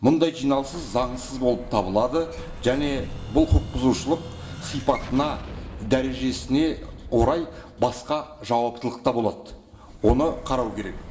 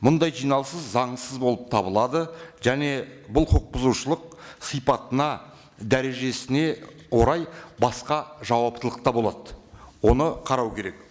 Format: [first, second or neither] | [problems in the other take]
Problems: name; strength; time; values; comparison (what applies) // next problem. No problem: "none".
second | background sound (Explosion); 13 dB below the speech // room echo; dies away in 0.6 s